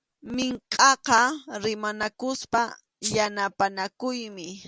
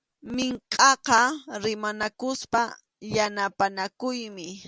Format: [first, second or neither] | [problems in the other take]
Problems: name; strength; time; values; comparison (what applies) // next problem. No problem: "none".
second | background sound (Rattle (instrument)); 8 dB below the speech